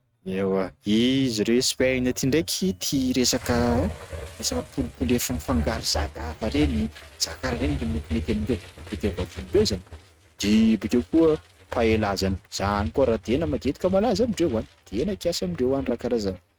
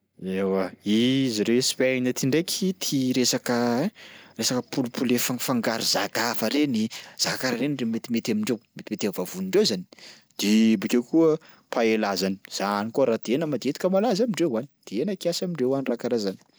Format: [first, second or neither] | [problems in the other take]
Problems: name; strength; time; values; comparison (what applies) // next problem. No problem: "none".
second | noise reduction (neural mask model RNNoise)